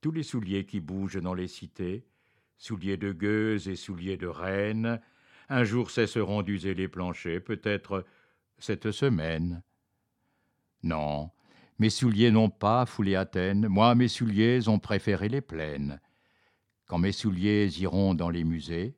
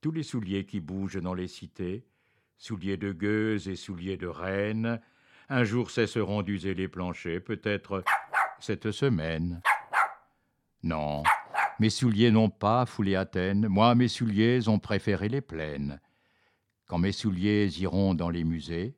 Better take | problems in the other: first | dog barking; loud; from 8 to 12 s; peak 4 dB above the speech

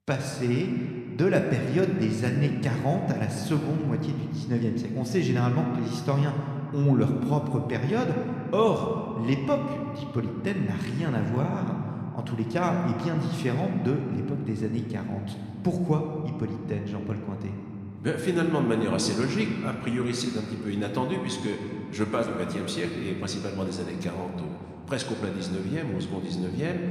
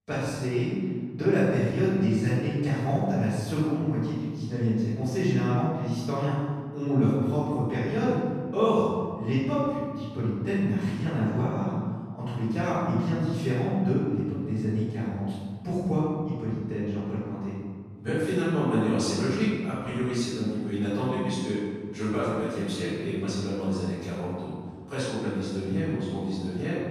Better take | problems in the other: first | room echo; strong; dies away in 1.7 s; slight in the first // off-mic speech; far

